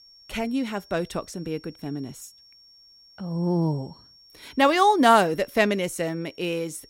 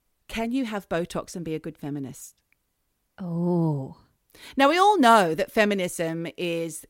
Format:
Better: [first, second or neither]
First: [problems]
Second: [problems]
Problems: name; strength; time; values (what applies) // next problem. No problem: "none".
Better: second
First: high-pitched whine; faint; throughout; 5.5 kHz, 25 dB below the speech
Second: none